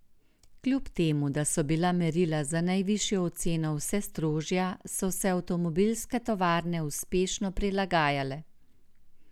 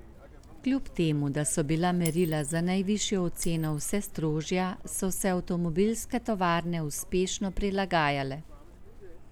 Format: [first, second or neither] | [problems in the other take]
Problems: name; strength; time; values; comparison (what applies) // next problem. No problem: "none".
first | background sound (Shatter + Chirp, tweet); 16 dB below the speech